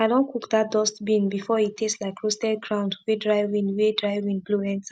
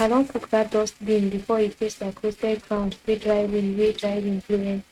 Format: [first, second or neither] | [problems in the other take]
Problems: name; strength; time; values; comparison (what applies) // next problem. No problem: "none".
first | noise reduction (neural mask model RNNoise)